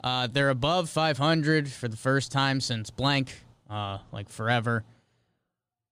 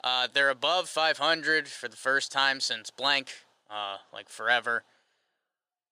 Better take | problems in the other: first | thin; very; fading below 600 Hz

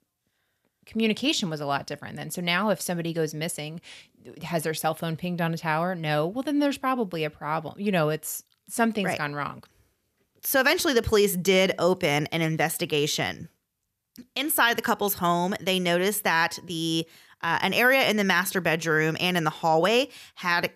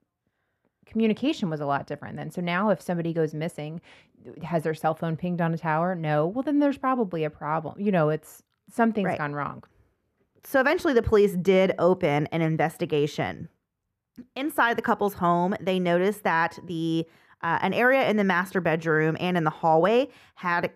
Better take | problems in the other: first | muffled; slightly; fading above 2.5 kHz

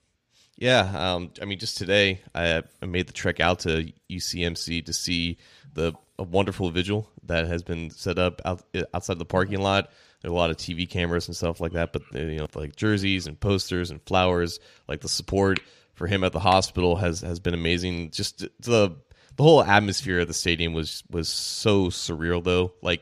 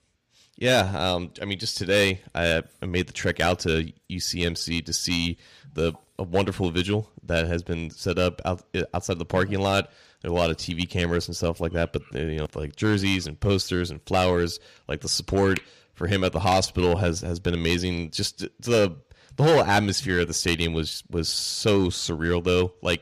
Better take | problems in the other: first | distortion; slight; 3% of the sound clipped

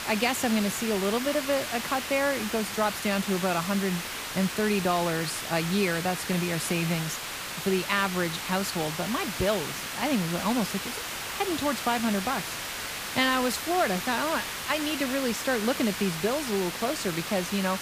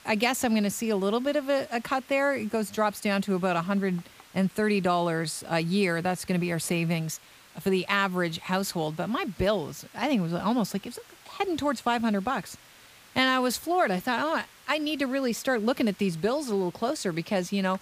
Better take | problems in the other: second | hiss; loud; throughout; 4 dB below the speech; faint in the second

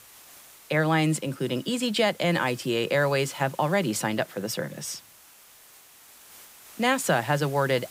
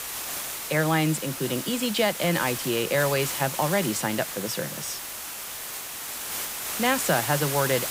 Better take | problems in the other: first | hiss; loud; throughout; 5 dB below the speech; faint in the first

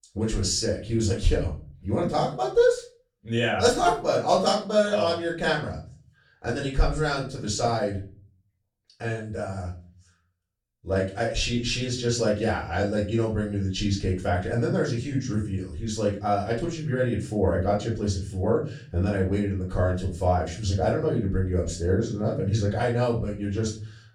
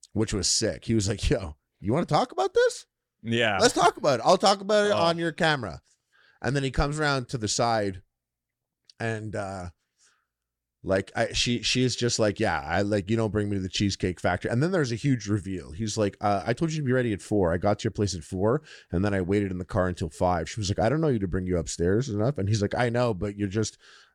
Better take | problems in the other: second | off-mic speech; far // room echo; slight; dies away in 0.4 s

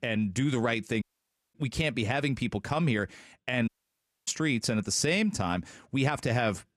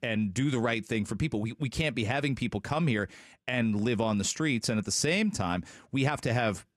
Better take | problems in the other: second | audio cutting out; at 1 s for 0.5 s and at 3.5 s for 0.5 s

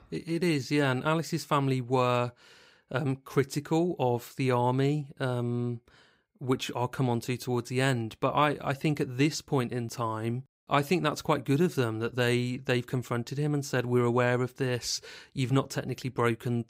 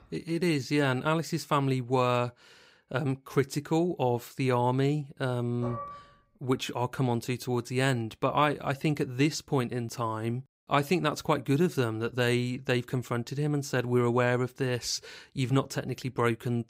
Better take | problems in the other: first | clattering dishes; faint; at 5.5 s; peak 10 dB below the speech

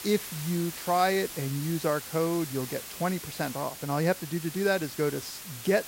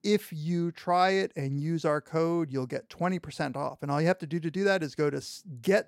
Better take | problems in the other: second | hiss; loud; throughout; 9 dB below the speech

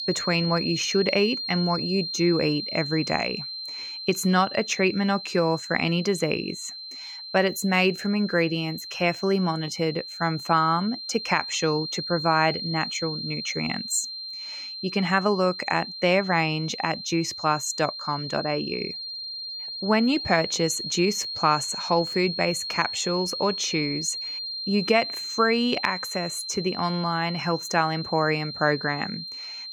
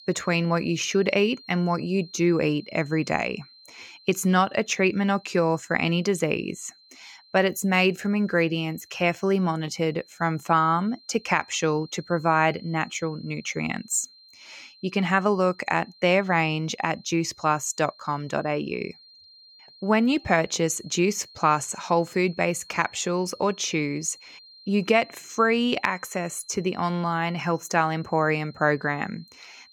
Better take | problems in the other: second | high-pitched whine; loud; throughout; 4 kHz, 7 dB below the speech; faint in the second

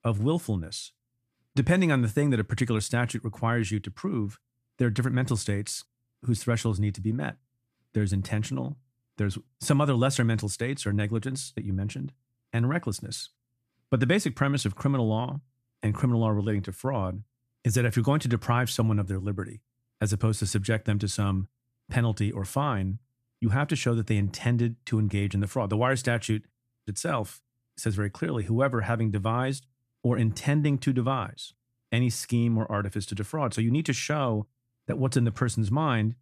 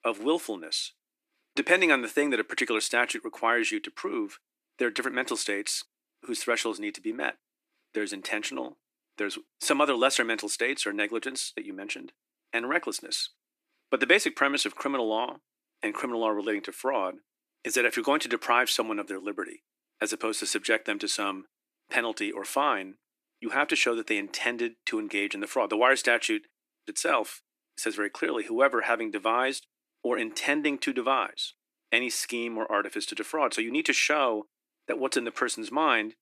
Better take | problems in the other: first | thin; very; fading below 300 Hz

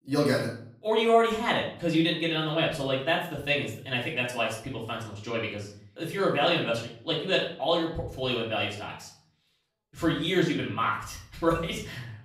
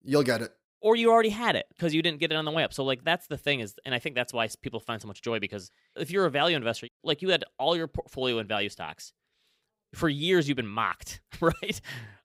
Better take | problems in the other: second | off-mic speech; far // room echo; slight; dies away in 0.5 s

